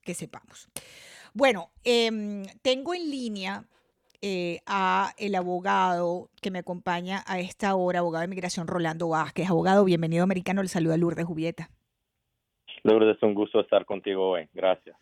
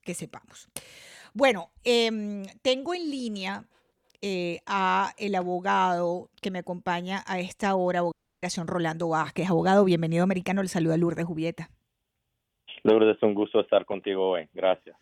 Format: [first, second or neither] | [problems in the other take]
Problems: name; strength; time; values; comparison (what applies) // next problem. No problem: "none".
first | audio cutting out; at 8 s